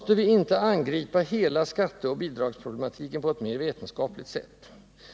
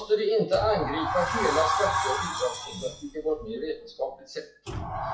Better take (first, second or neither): first